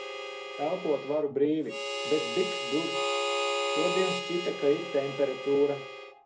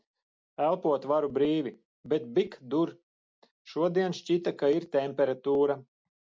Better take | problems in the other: second | background sound (Harmonica); 3 dB below the speech // room echo; dies away in 0.3 s

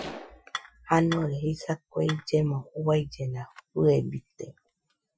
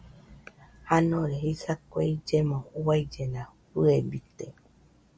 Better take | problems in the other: second | noise reduction (classical method Wiener filter)

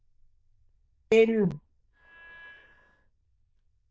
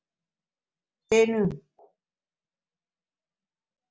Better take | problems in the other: second | noise reduction (neural diffusion model UNIVERSE++)

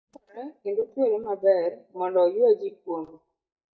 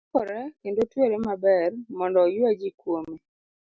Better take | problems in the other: second | noise reduction (neural mask model DeepFilterNet 3)

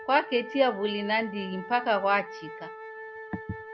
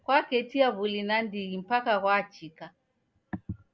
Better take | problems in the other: second | background sound (Wind instrument, woodwind instrument); 13 dB below the speech

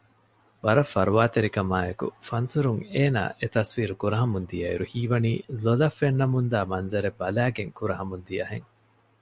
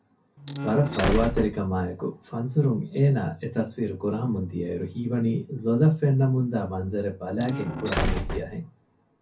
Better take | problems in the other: first | background sound (Slam); 3 dB below the speech // room echo; dies away in 0.3 s

